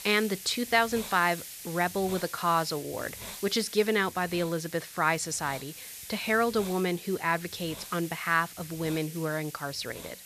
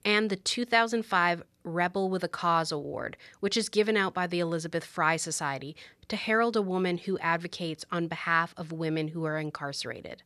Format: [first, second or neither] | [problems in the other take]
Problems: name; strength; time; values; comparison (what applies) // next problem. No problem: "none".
second | hiss; noticeable; throughout; 10 dB below the speech